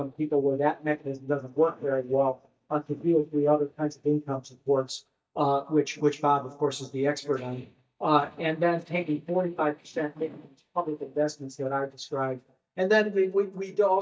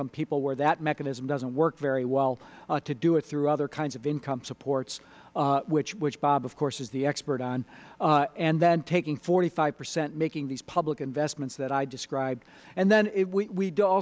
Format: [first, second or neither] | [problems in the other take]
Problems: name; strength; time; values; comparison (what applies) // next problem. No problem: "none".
second | noise reduction (neural mask model DeepFilterNet 3)